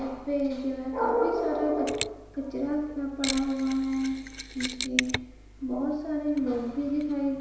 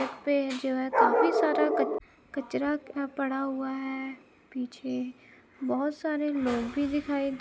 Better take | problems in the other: second | background sound (Mechanisms); 10 dB below the speech // room echo; dies away in 1 s

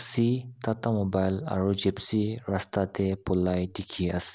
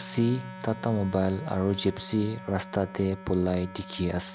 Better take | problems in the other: first | background sound (Wind instrument, woodwind instrument); 15 dB below the speech

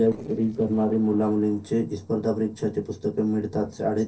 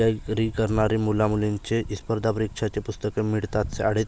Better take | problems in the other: second | noise reduction (neural separator model SepFormer DNS4)

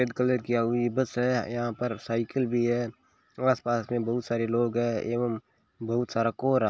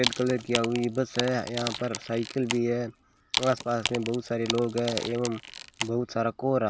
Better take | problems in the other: first | background sound (Wood); 8 dB below the speech

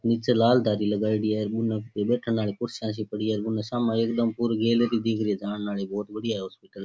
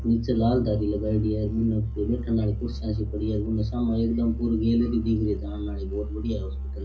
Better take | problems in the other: first | background sound (Musical instrument); 7 dB below the speech // room echo; dies away in 0.4 s

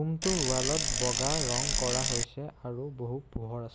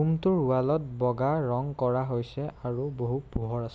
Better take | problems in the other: second | background sound (Bicycle); 4 dB above the speech

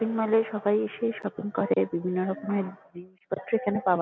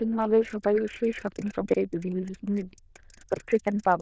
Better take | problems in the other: first | noise reduction (neural diffusion model UNIVERSE++)

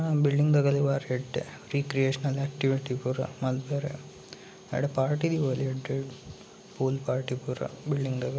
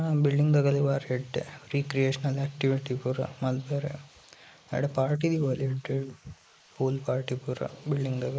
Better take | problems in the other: first | noise reduction (neural mask model Resemble Enhance denoiser)

